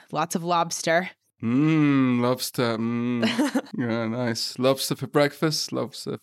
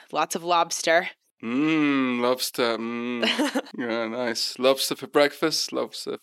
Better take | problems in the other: first | thin; very slightly; fading below 350 Hz

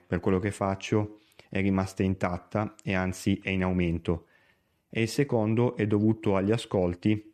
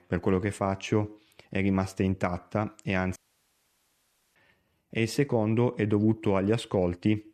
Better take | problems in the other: first | audio cutting out; at 3 s for 1 s

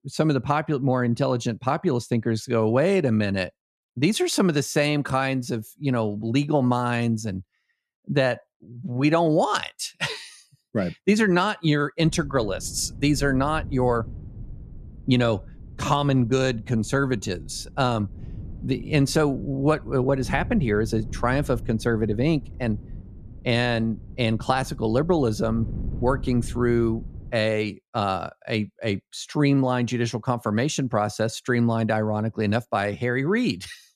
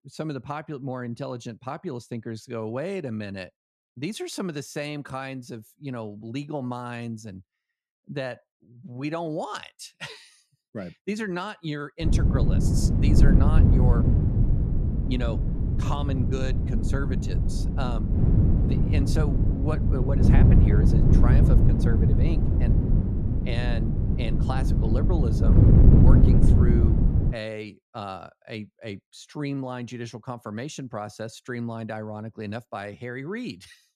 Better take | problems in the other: first | wind noise on the microphone; heavy; from 12 to 27 s; 2 dB above the speech; occasional gusts in the first

